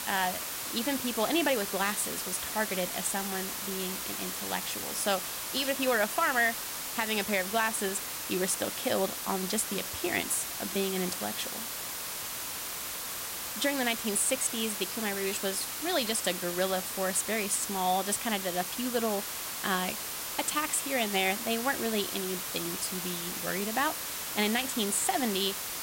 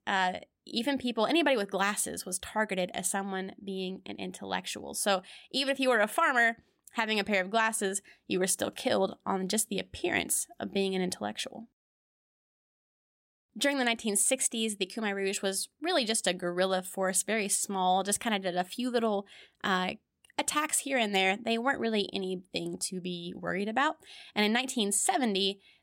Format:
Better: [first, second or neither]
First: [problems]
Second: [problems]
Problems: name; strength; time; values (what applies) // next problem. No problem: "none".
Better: second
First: hiss; loud; throughout; 3 dB below the speech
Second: none